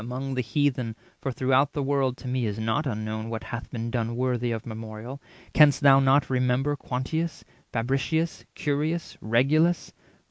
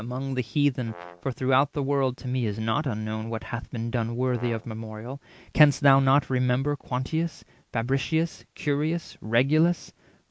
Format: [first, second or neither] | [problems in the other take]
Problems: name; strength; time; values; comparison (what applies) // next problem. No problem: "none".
first | background sound (Brass instrument); 19 dB below the speech